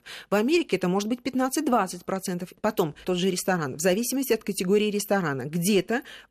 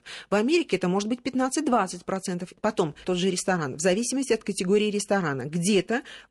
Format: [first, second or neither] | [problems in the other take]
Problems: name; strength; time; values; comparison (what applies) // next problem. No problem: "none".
first | garbled, watery; slightly; nothing above 10.5 kHz